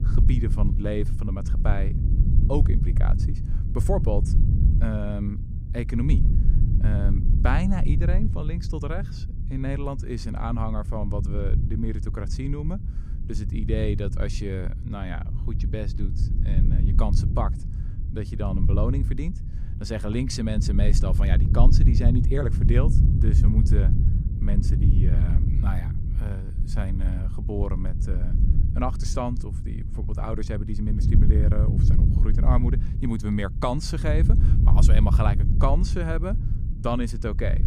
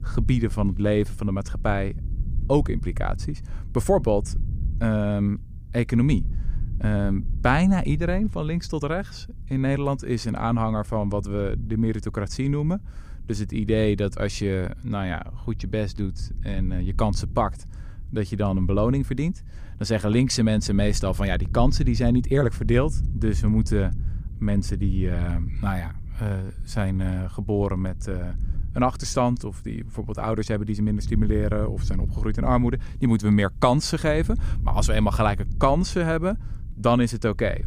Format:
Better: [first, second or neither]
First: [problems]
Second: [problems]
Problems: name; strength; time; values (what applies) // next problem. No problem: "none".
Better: second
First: low rumble; loud; throughout; 6 dB below the speech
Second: low rumble; faint; throughout; 20 dB below the speech